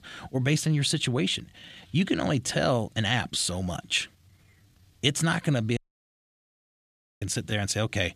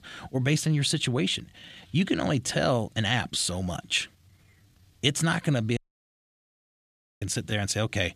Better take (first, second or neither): neither